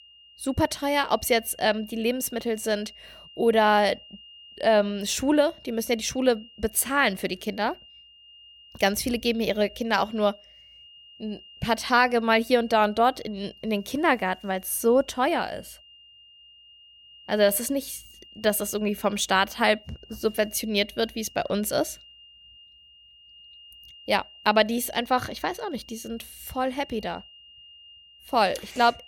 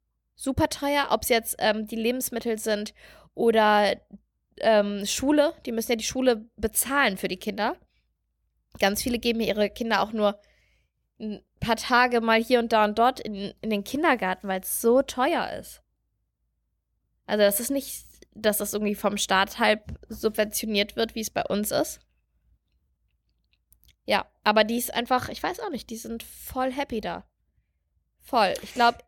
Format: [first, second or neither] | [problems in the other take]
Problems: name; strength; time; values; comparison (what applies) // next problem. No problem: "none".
second | high-pitched whine; faint; throughout; 3 kHz, 25 dB below the speech